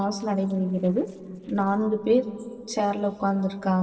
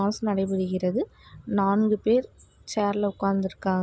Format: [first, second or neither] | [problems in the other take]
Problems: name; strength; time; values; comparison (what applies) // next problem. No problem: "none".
second | noise reduction (neural separator model SepFormer DNS4)